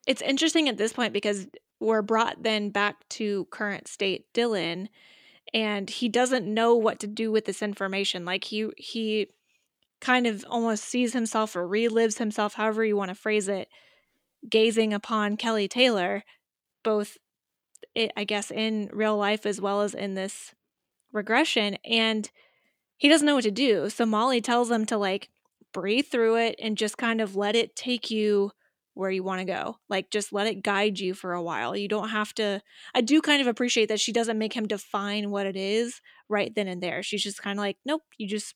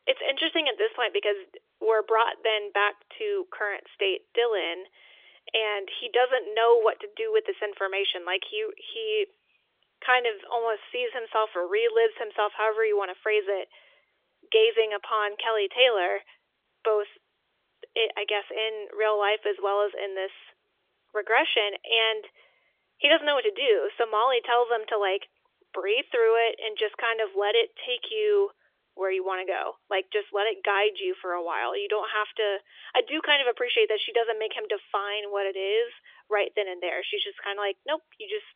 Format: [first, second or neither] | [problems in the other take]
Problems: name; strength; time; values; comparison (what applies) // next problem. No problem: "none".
first | phone-call audio; nothing above 3.5 kHz